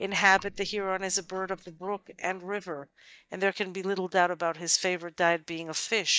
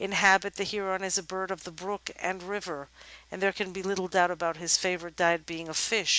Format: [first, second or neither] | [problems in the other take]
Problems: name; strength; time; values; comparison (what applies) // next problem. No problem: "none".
second | noise reduction (neural mask model DeepFilterNet 3)